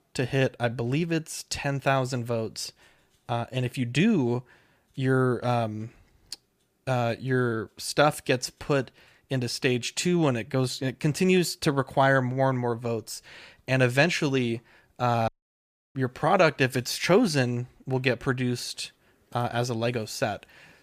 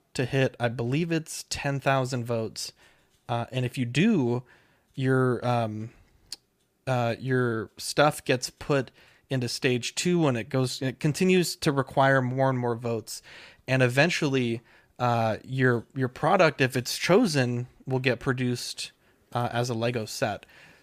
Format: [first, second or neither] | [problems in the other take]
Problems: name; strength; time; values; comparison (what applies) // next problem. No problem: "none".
second | audio cutting out; at 15 s for 0.5 s